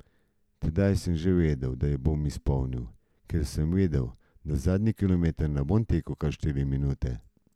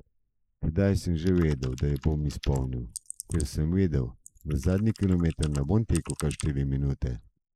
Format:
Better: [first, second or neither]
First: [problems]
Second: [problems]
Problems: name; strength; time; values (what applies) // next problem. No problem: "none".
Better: first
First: none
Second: noise reduction (neural mask model Resemble Enhance denoiser)